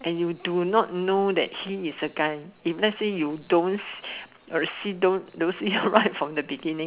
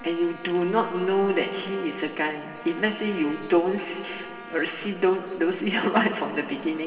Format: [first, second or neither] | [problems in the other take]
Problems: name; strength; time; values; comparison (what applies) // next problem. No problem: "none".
first | background sound (Trumpet); 18 dB below the speech // room echo; dies away in 2.9 s